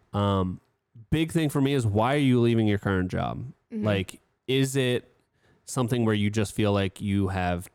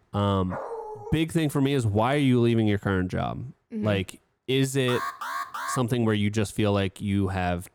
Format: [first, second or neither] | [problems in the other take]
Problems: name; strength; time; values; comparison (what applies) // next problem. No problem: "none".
first | dog barking; noticeable; at 0.5 s; peak 9 dB below the speech // alarm; noticeable; at 5 s; peak 6 dB below the speech